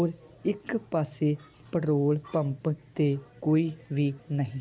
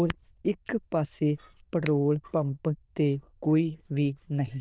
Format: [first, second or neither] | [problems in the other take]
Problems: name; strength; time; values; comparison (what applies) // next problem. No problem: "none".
first | noise reduction (neural diffusion model UNIVERSE++)